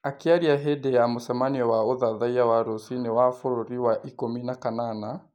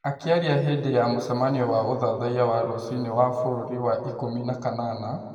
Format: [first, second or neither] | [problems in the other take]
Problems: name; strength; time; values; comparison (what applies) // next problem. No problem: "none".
first | room echo; dies away in 1.9 s